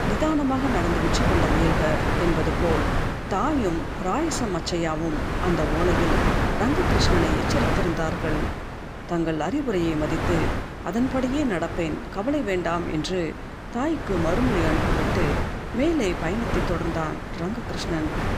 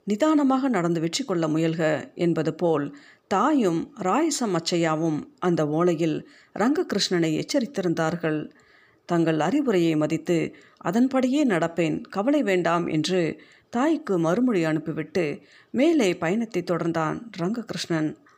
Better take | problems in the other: second | wind noise on the microphone; heavy; as loud as the speech

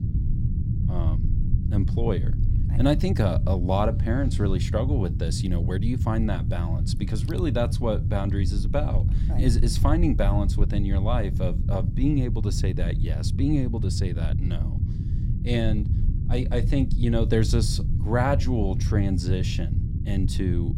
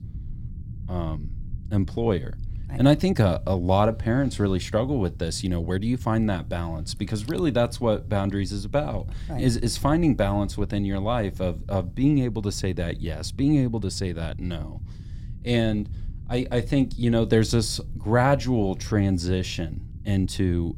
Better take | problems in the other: second | low rumble; loud; throughout; 9 dB below the speech; faint in the second

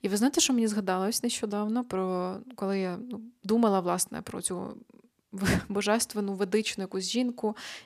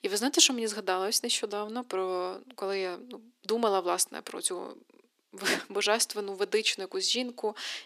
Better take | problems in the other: first | thin; somewhat; fading below 300 Hz

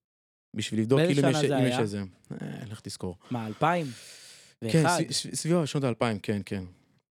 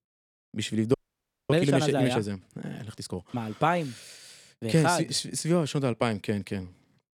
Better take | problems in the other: first | audio freezing; at 1 s for 0.5 s

